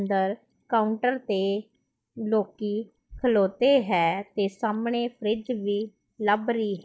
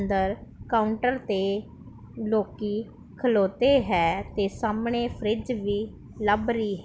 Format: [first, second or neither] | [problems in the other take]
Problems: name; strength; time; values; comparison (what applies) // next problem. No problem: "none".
second | noise reduction (neural mask model DeepFilterNet 3)